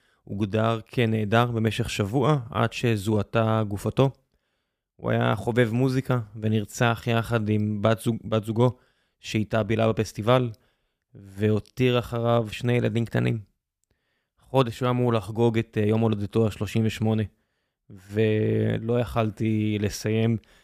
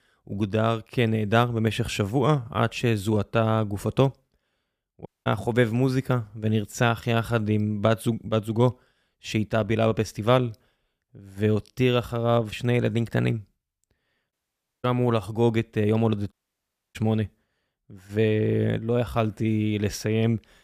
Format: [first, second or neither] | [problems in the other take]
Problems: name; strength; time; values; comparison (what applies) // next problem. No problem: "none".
first | audio cutting out; at 5 s, at 14 s for 0.5 s and at 16 s for 0.5 s